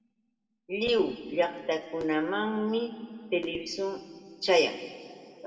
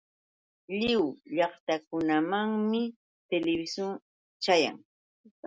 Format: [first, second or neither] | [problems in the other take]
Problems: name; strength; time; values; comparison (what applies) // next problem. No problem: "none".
second | room echo; dies away in 1.9 s